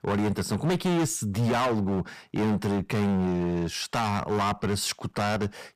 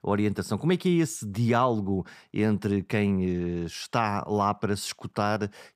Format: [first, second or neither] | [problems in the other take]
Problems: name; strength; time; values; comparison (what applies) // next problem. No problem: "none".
second | distortion; heavy; 21% of the sound clipped